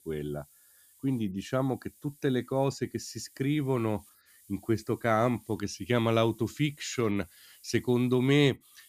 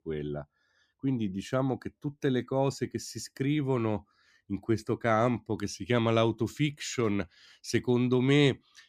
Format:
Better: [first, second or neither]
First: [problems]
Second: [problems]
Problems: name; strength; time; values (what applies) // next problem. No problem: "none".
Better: second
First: hiss; faint; throughout; 25 dB below the speech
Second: none